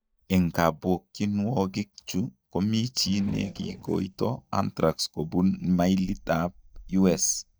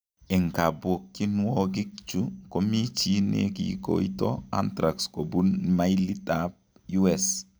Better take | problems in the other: second | noise reduction (neural mask model DeepFilterNet 3)

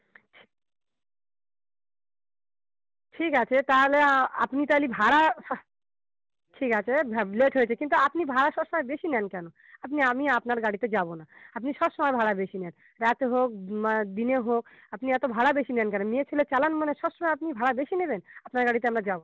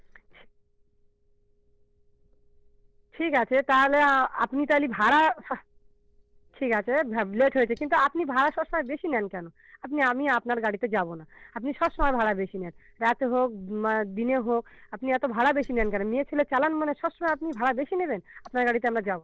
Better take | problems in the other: first | noise reduction (neural separator model SepFormer DNS4)

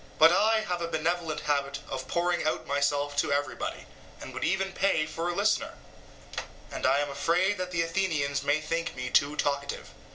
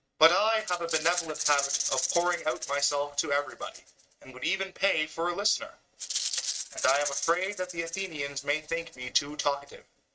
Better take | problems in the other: first | noise reduction (neural mask model RNNoise)

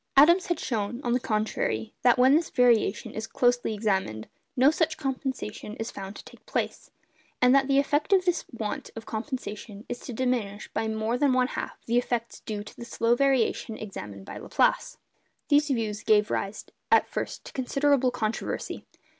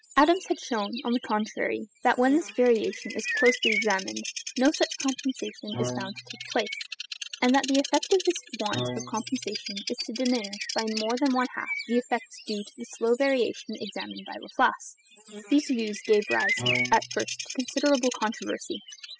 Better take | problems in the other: first | noise reduction (classical method spectral subtraction)

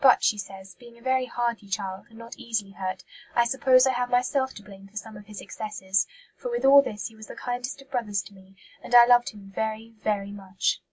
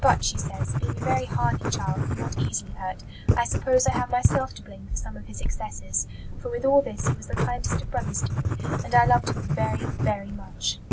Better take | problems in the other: first | background sound (Writing); 1 dB above the speech

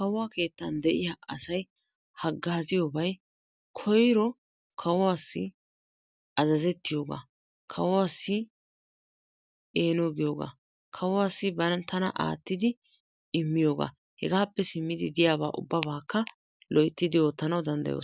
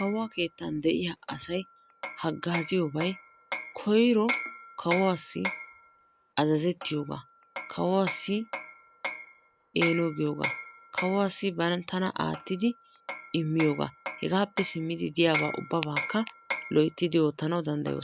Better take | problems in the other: first | background sound (Hammer); 10 dB below the speech

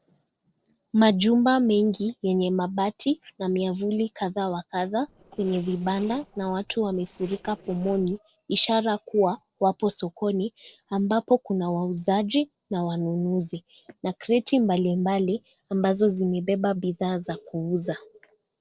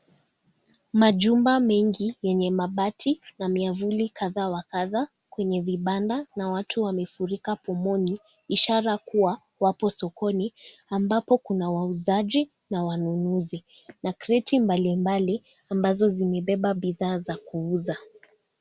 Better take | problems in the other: second | noise reduction (neural separator model SepFormer DNS4)

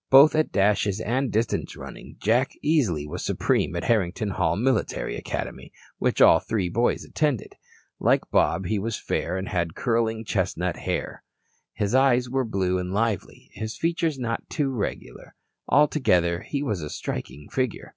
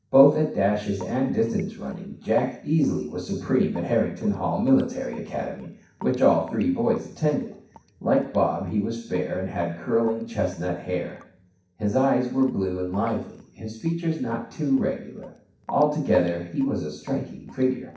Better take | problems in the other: first | noise reduction (neural separator model SepFormer DNS4)

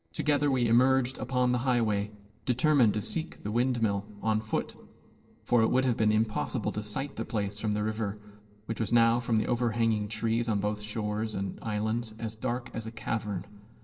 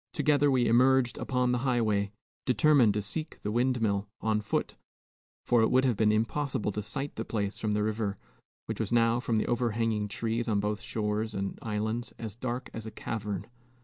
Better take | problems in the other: second | noise reduction (neural separator model SepFormer DNS4)

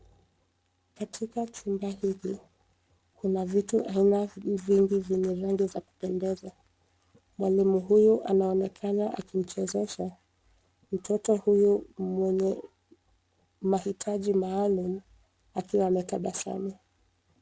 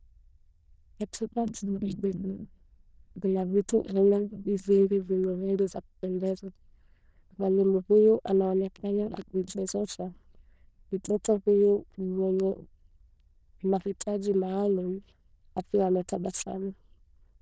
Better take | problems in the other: first | noise reduction (neural diffusion model UNIVERSE++)

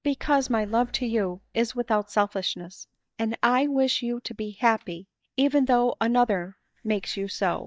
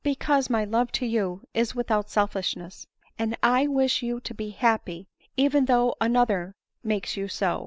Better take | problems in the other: second | noise reduction (neural mask model DeepFilterNet 3)

